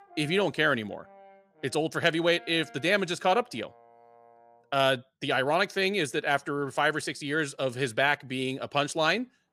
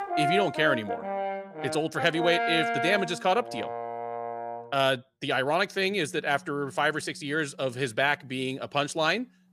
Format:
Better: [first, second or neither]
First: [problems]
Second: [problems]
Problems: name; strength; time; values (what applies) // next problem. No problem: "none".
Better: first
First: background music; faint; throughout; 25 dB below the speech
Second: background music; loud; throughout; 4 dB below the speech